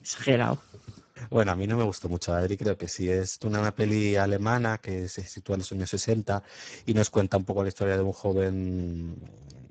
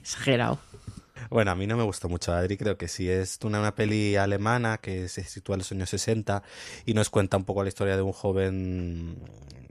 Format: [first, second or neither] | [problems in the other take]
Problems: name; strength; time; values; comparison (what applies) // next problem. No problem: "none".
second | garbled, watery; badly; nothing above 7.5 kHz